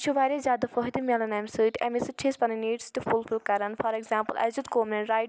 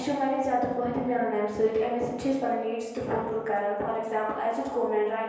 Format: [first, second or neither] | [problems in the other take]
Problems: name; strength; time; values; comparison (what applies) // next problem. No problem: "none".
first | room echo; dies away in 1.2 s